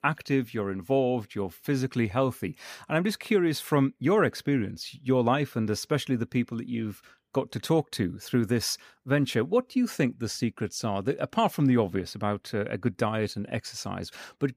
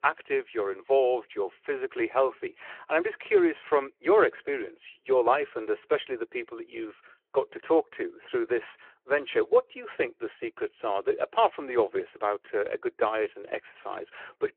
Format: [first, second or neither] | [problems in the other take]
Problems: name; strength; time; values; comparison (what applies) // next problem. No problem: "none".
first | phone-call audio